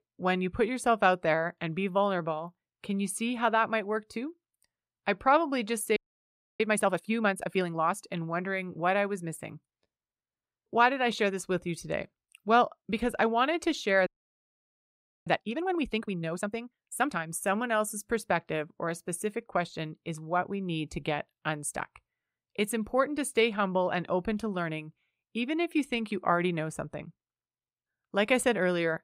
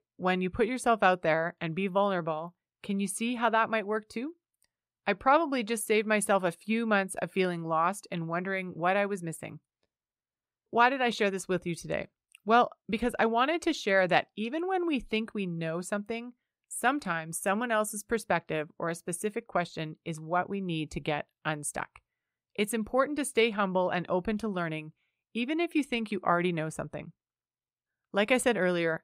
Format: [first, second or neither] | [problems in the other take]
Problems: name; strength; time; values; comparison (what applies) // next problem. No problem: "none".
second | audio freezing; at 6 s for 0.5 s and at 14 s for 1 s